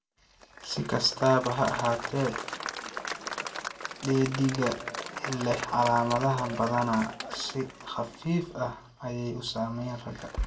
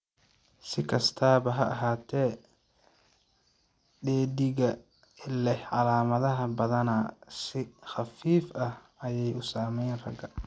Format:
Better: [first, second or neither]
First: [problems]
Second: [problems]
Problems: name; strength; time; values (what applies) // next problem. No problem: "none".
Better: second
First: background sound (Applause / Crowd); 9 dB below the speech // room echo; dies away in 0.2 s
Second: none